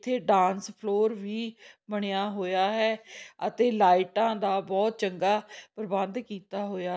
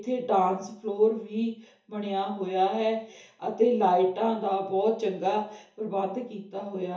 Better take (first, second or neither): first